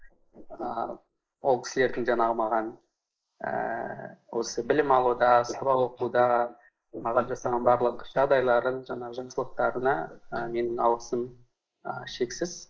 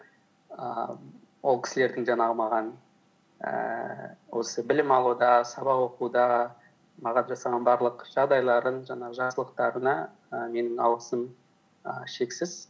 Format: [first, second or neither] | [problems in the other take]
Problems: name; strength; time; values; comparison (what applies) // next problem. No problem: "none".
second | noise reduction (neural mask model Resemble Enhance denoiser)